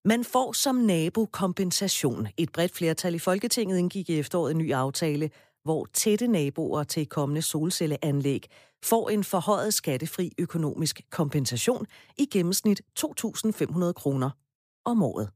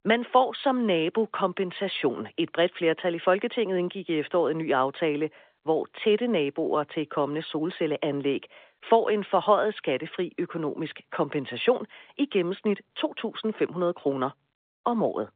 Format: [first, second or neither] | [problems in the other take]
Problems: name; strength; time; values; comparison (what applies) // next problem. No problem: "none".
first | phone-call audio